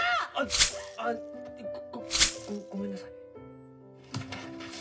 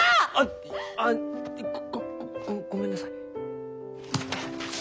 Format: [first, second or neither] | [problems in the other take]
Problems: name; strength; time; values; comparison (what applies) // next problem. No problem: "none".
second | background sound (Glass); 4 dB above the speech // room echo; dies away in 0.4 s